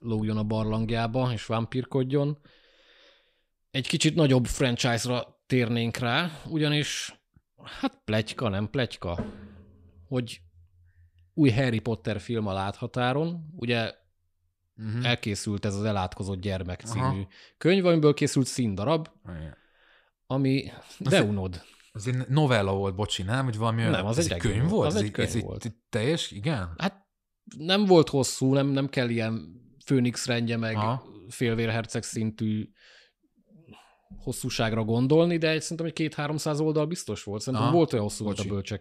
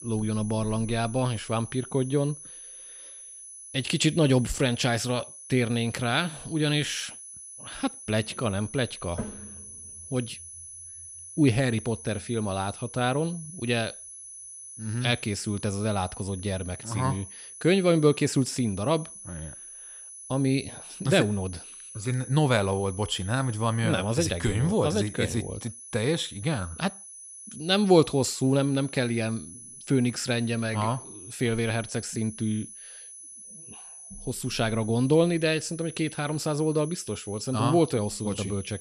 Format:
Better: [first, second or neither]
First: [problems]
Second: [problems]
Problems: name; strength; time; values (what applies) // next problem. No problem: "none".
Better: first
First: none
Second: high-pitched whine; noticeable; throughout; 10 kHz, 15 dB below the speech